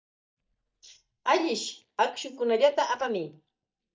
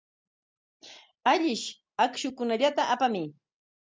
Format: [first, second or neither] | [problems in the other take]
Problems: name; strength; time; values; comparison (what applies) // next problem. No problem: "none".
second | noise reduction (neural mask model DeepFilterNet 3)